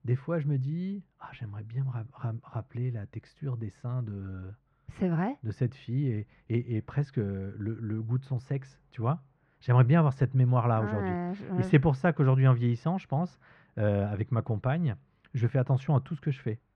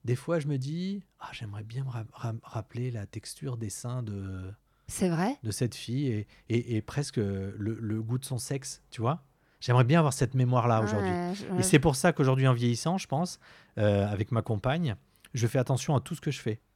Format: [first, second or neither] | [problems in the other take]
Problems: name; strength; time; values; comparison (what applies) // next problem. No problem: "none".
second | muffled; very; fading above 2 kHz